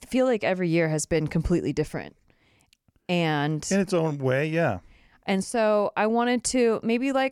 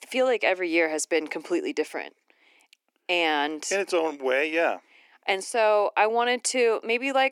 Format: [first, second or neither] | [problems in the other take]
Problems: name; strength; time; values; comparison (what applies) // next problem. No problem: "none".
first | thin; somewhat; fading below 300 Hz